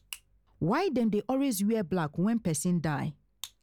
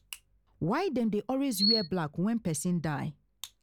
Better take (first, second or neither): first